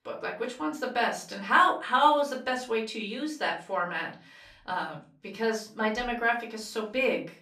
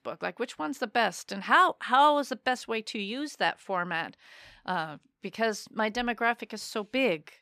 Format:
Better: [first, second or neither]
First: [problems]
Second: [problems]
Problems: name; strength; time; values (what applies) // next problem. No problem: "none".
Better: second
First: off-mic speech; far // room echo; slight; dies away in 0.3 s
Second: none